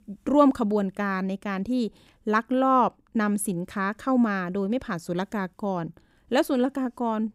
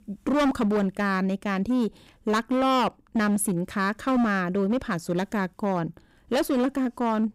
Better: first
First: none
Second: distortion; heavy; 14% of the sound clipped

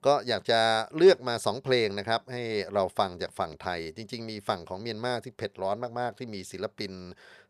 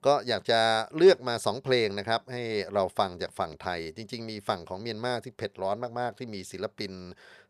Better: neither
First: none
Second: none

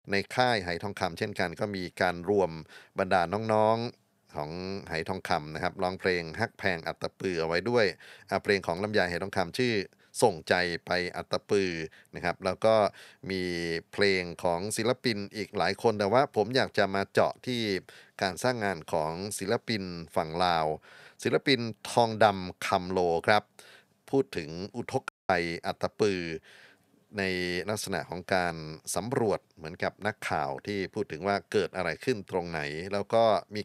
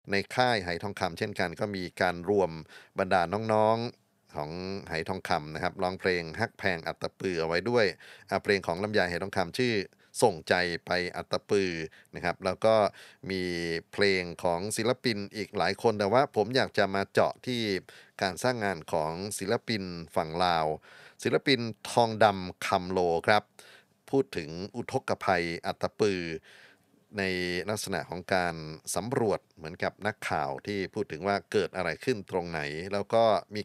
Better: second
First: audio cutting out; at 25 s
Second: none

